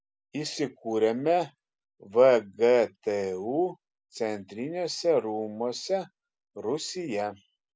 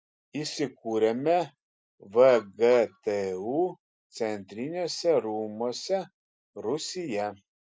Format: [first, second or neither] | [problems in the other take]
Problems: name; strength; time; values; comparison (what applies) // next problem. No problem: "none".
first | noise reduction (neural mask model DeepFilterNet 3)